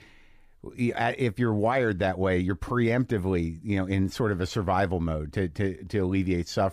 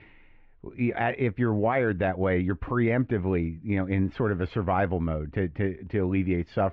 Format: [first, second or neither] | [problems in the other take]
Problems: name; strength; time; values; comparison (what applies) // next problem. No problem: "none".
first | muffled; very; fading above 2.5 kHz